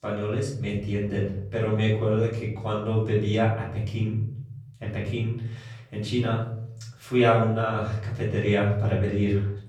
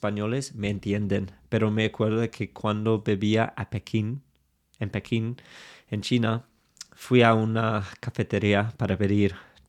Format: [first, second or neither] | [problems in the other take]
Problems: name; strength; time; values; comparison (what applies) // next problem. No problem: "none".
second | off-mic speech; far // room echo; noticeable; dies away in 0.8 s